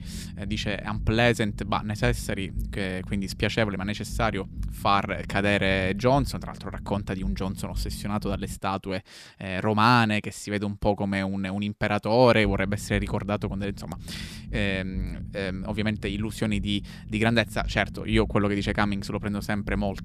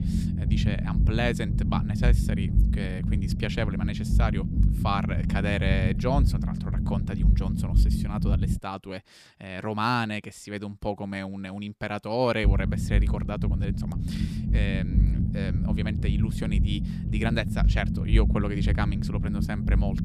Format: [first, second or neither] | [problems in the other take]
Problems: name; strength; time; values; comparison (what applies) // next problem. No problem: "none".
first | low rumble; loud; until 8.5 s and from 12 s on; 6 dB below the speech; faint in the first